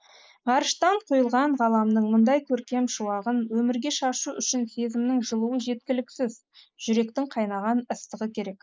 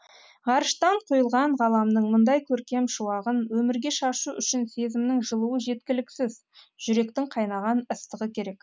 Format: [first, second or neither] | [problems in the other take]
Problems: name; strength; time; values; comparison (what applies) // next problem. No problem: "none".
second | noise reduction (neural mask model Resemble Enhance denoiser)